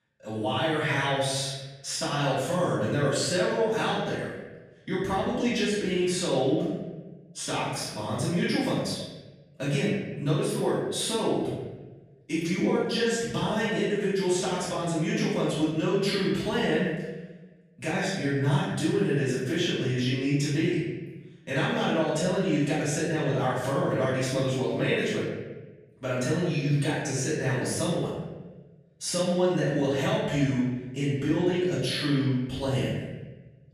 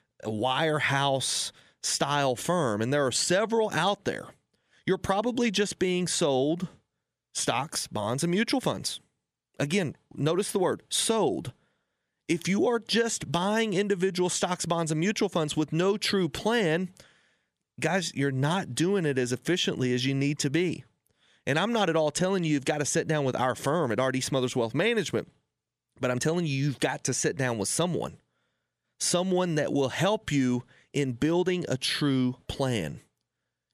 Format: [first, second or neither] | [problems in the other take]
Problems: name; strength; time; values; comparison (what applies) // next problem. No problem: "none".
second | room echo; strong; dies away in 1.1 s // off-mic speech; far